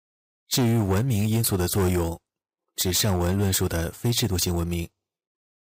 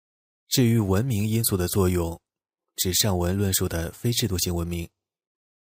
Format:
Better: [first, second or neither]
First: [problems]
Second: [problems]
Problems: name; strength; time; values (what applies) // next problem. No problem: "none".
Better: second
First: distortion; slight; 10% of the sound clipped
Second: none